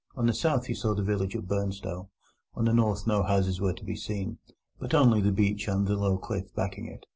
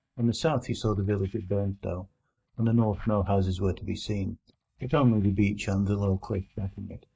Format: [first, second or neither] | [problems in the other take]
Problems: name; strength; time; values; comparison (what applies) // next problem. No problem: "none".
first | noise reduction (neural mask model DeepFilterNet 3)